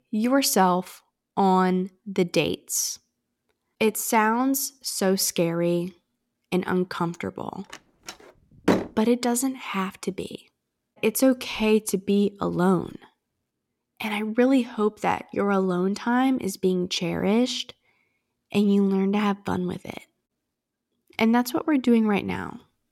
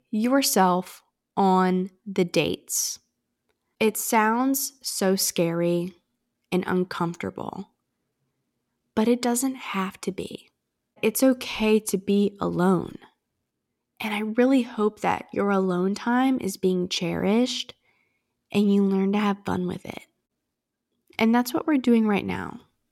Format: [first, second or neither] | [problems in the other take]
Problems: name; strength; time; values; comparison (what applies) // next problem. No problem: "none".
second | door banging; noticeable; at 8 s; peak level with the speech